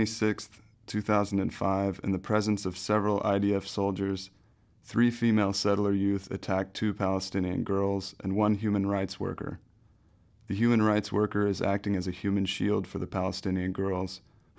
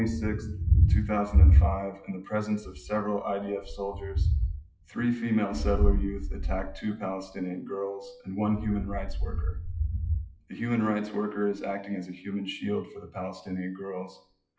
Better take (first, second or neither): first